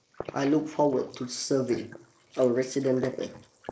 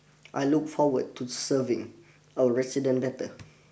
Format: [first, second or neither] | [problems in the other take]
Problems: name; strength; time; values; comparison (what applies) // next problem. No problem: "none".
second | noise reduction (neural mask model Resemble Enhance denoiser)